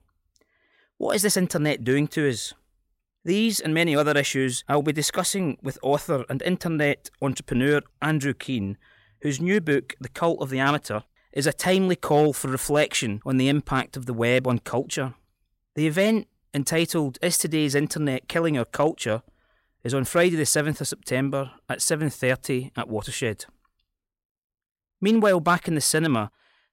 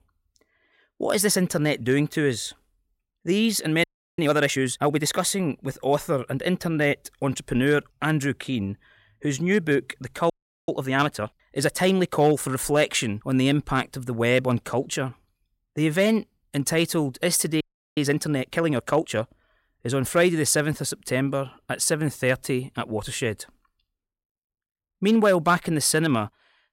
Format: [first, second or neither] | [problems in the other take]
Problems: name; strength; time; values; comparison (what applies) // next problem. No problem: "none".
first | audio freezing; at 4 s, at 10 s and at 18 s